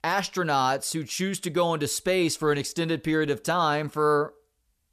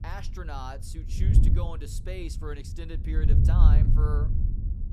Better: first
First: none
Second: wind noise on the microphone; heavy; as loud as the speech

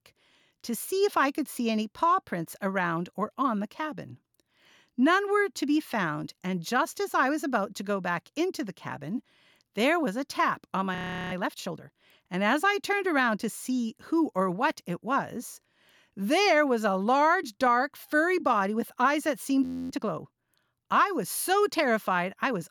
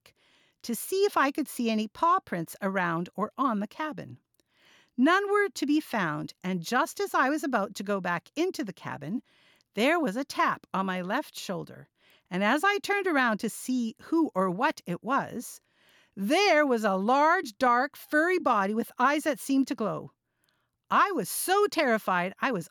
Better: second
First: audio freezing; at 11 s and at 20 s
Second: none

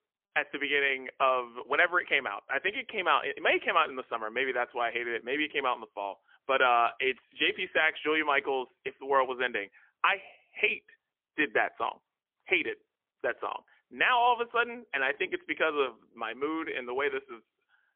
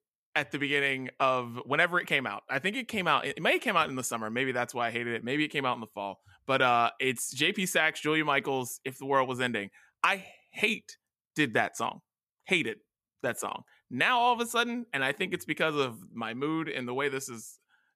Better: second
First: phone-call audio; poor line; nothing above 3.5 kHz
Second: none

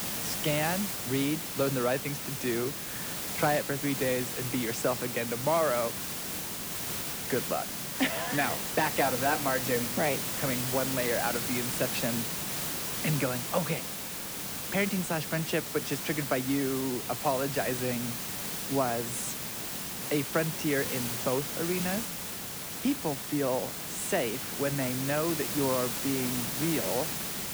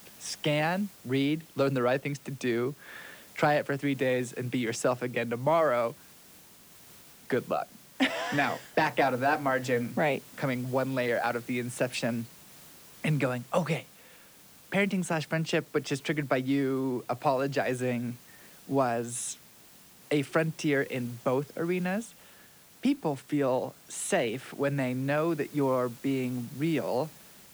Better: second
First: hiss; loud; throughout; 1 dB below the speech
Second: hiss; faint; throughout; 20 dB below the speech

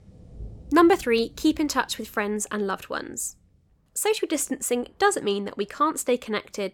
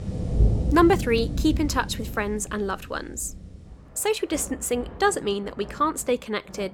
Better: first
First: rain or running water; faint; throughout; 25 dB below the speech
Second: rain or running water; loud; throughout; 4 dB below the speech

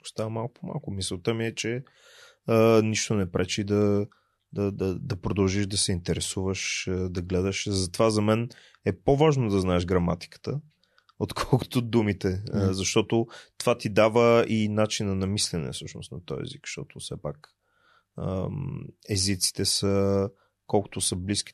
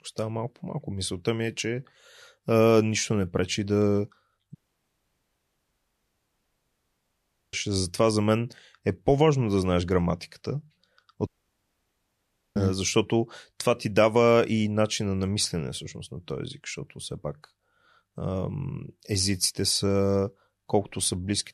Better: first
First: none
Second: audio cutting out; at 4.5 s for 3 s and at 11 s for 1.5 s

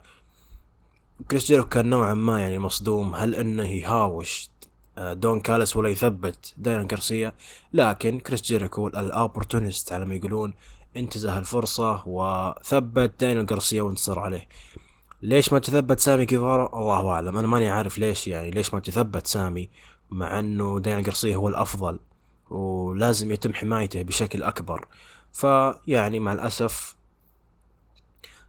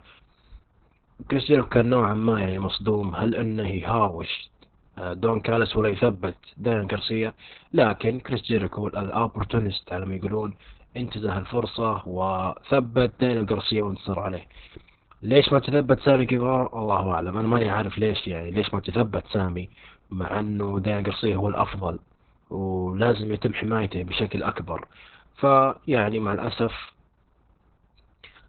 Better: first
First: garbled, watery; slightly; nothing above 18 kHz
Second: garbled, watery; badly; nothing above 4 kHz

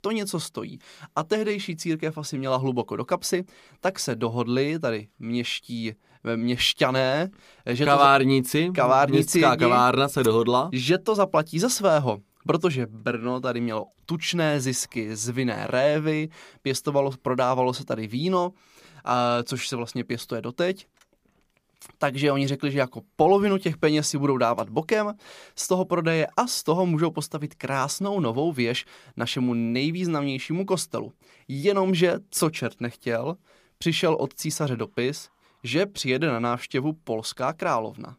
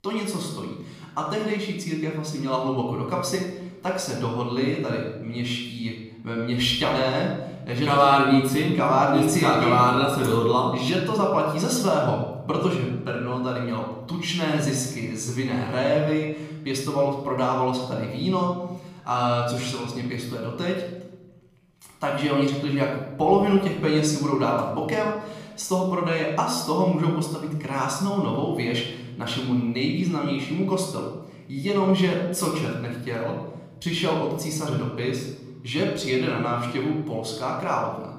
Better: first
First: none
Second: room echo; noticeable; dies away in 0.9 s // off-mic speech; somewhat distant

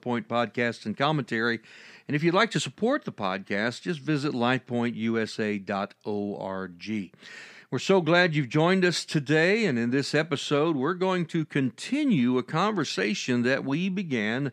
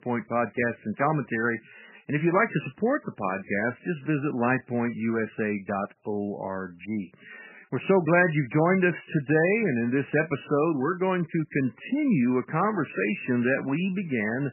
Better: first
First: none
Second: garbled, watery; badly; nothing above 2.5 kHz

